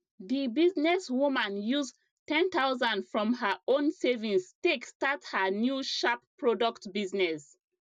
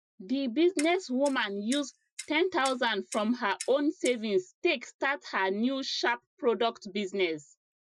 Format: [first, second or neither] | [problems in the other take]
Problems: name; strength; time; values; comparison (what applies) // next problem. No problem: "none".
first | noise reduction (classical method Wiener filter)